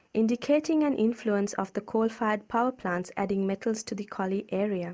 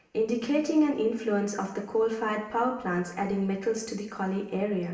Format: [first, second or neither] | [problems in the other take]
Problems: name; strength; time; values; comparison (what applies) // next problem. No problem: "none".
first | room echo; dies away in 1.1 s